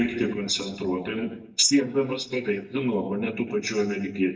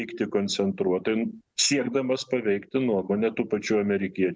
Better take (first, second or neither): second